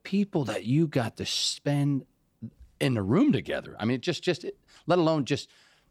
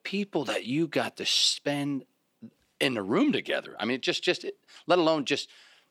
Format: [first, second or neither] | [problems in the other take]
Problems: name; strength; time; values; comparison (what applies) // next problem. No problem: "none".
first | thin; very slightly; fading below 300 Hz